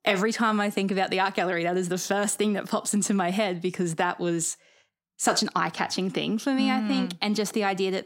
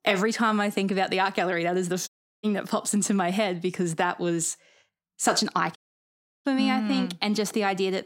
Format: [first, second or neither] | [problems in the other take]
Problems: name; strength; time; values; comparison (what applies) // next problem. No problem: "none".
first | audio cutting out; at 2 s and at 6 s for 0.5 s